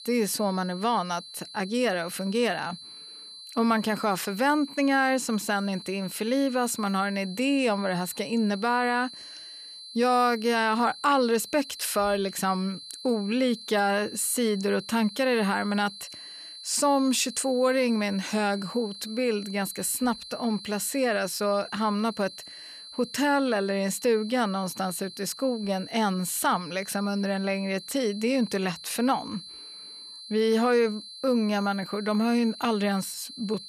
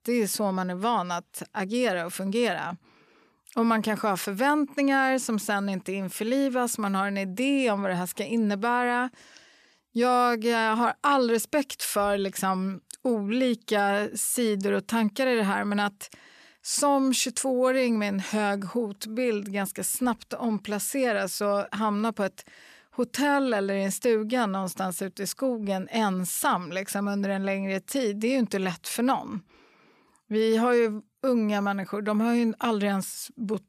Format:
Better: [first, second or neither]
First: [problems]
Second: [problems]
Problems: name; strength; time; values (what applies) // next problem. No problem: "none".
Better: second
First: high-pitched whine; noticeable; throughout; 4 kHz, 15 dB below the speech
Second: none